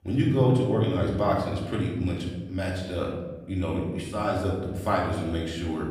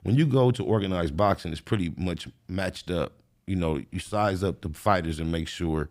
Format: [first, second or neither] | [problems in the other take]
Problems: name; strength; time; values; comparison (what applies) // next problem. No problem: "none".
second | off-mic speech; far // room echo; noticeable; dies away in 1.2 s